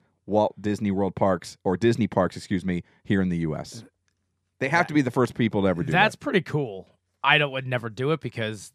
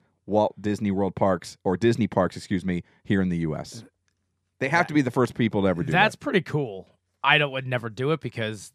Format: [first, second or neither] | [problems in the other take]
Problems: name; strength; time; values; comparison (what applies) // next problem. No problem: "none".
neither | none